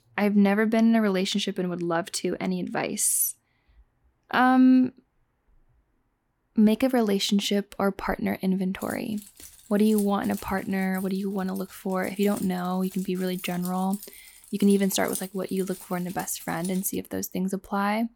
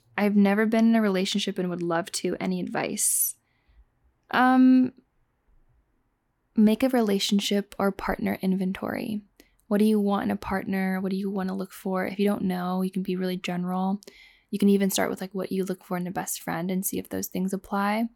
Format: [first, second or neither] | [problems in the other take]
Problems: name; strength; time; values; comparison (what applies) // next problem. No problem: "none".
second | jangling keys; noticeable; from 9 to 17 s; peak 9 dB below the speech